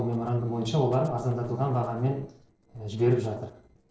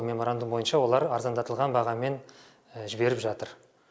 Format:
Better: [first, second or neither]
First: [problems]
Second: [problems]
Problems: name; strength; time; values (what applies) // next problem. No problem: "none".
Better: second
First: noise reduction (neural separator model SepFormer DNS4)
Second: none